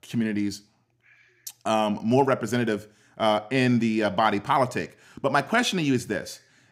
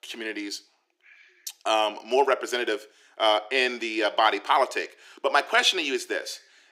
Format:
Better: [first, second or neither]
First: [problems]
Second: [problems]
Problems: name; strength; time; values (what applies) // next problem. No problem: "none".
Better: first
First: none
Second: thin; very; fading below 350 Hz